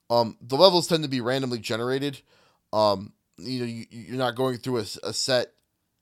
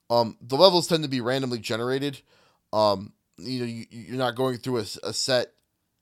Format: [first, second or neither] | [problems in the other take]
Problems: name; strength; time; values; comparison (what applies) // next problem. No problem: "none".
neither | none